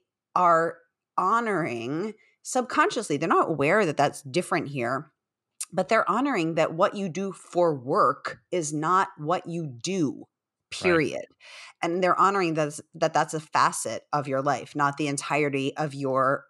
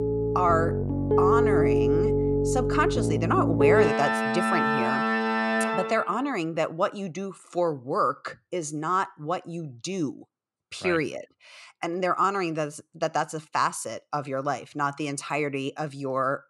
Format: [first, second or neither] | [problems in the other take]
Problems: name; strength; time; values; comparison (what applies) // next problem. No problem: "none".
first | background music; very loud; until 6.5 s; 4 dB above the speech